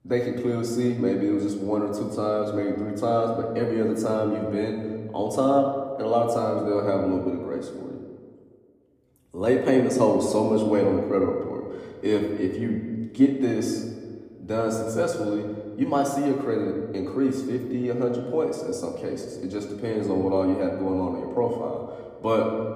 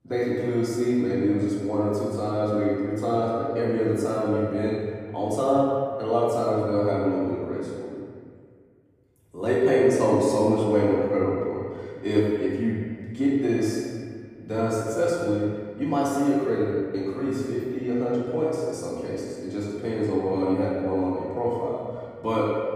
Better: first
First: room echo; slight; dies away in 1.3 s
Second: room echo; strong; dies away in 1.8 s // off-mic speech; far

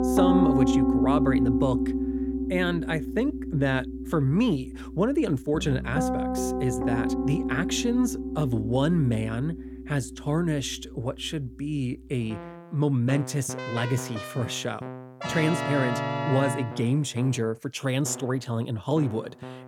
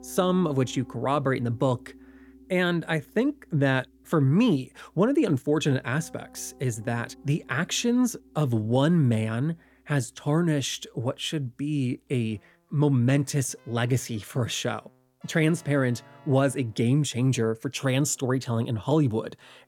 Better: second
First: background music; loud; throughout; 1 dB below the speech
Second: background music; faint; throughout; 25 dB below the speech

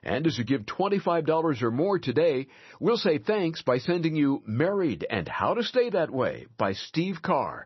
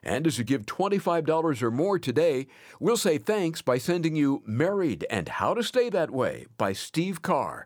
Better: second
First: garbled, watery; slightly; nothing above 6 kHz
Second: none

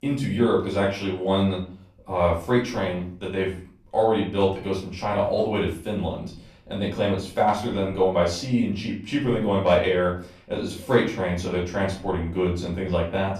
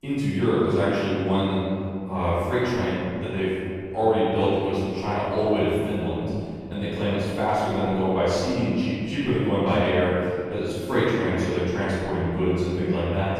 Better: first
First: room echo; slight; dies away in 0.4 s // off-mic speech; far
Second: room echo; strong; dies away in 2.5 s // off-mic speech; far

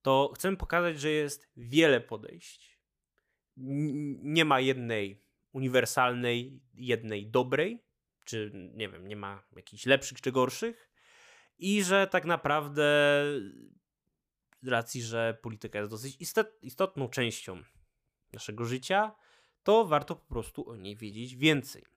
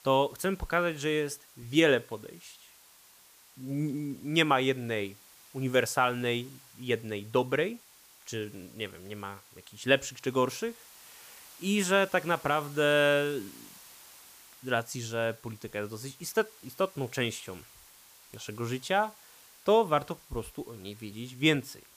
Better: first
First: none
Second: hiss; faint; throughout; 25 dB below the speech

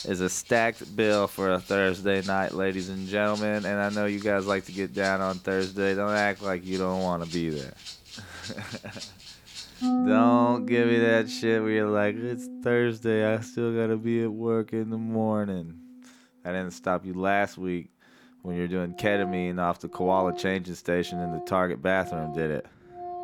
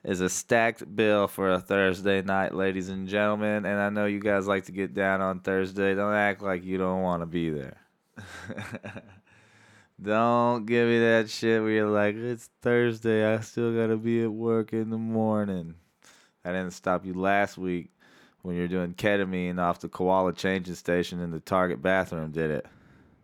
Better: second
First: background music; loud; throughout; 8 dB below the speech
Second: none

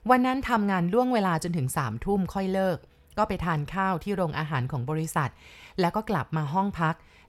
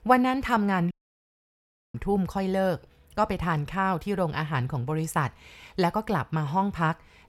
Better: first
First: none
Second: audio cutting out; at 1 s for 1 s

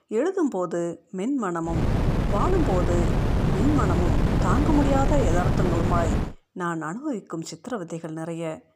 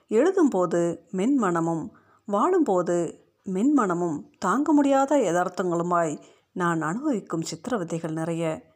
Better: second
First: wind noise on the microphone; heavy; from 1.5 to 6.5 s; 1 dB below the speech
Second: none

